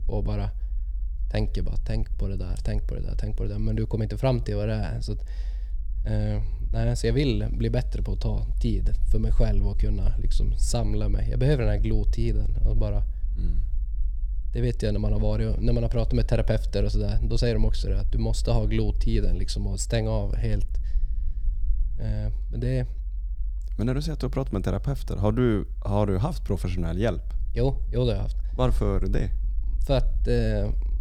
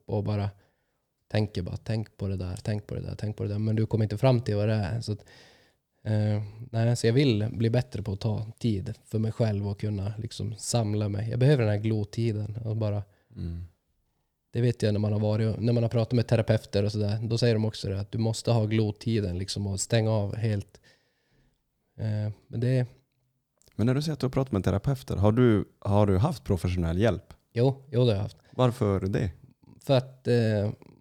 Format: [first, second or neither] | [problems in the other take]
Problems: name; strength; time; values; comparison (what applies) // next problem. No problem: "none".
second | low rumble; faint; throughout; 25 dB below the speech